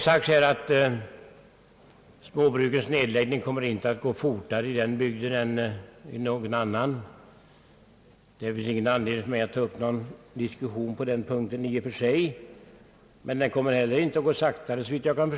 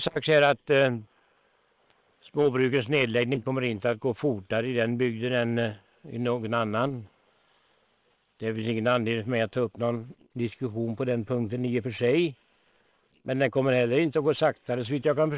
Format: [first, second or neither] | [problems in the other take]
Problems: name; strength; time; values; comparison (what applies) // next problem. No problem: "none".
first | noise reduction (neural separator model SepFormer WHAM!)